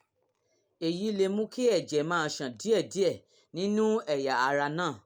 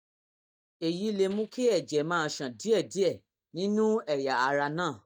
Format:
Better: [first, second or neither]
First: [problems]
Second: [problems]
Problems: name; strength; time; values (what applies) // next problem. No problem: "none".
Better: first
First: none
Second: noise reduction (neural mask model DeepFilterNet 3)